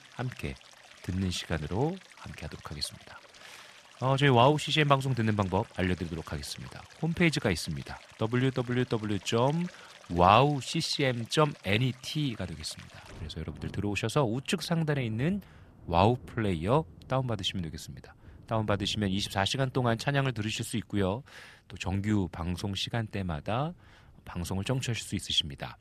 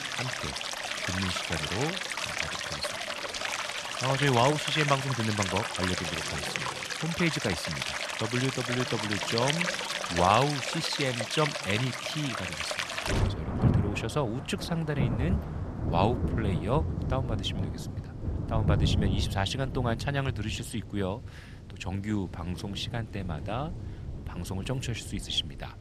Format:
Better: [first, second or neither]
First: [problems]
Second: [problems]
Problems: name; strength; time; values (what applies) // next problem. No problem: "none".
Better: first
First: rain or running water; faint; throughout; 20 dB below the speech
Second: rain or running water; loud; throughout; as loud as the speech